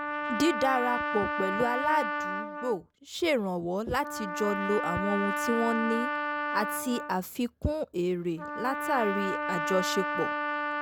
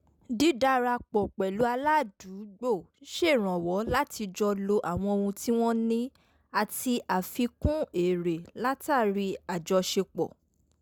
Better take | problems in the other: second | background sound (Trumpet); 2 dB below the speech

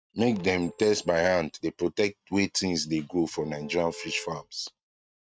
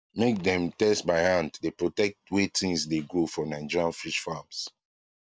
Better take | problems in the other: second | noise reduction (neural mask model RNNoise)

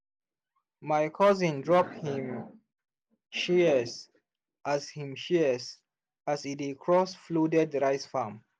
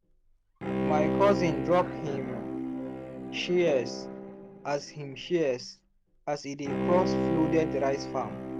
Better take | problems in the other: first | background sound (Bowed string instrument); 3 dB below the speech

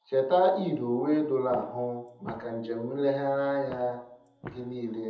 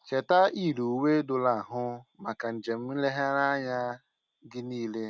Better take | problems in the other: second | background sound (Walk, footsteps); 19 dB below the speech // room echo; dies away in 0.7 s

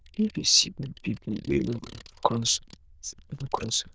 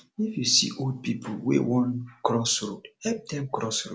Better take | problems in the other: second | noise reduction (neural diffusion model UNIVERSE++)

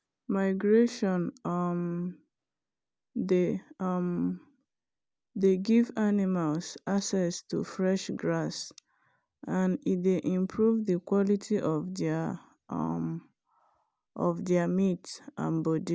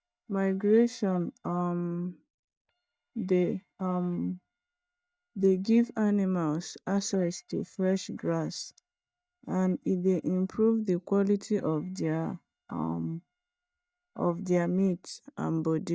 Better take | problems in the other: first | noise reduction (neural mask model DeepFilterNet 3)

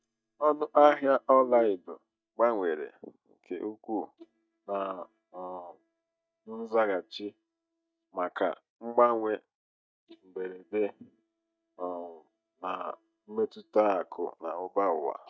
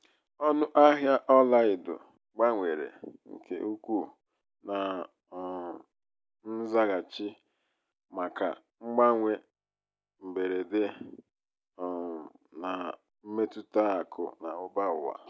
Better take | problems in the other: second | noise reduction (neural mask model DeepFilterNet 3)

